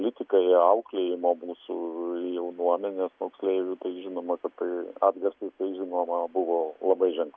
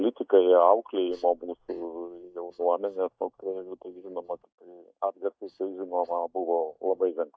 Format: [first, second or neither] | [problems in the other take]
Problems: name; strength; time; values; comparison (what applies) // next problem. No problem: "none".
first | noise reduction (neural mask model DeepFilterNet 3)